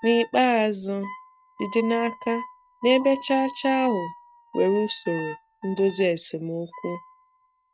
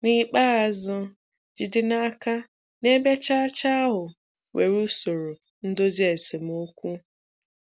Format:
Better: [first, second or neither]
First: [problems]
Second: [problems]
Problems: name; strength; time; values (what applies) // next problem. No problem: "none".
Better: second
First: noise reduction (neural mask model RNNoise)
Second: none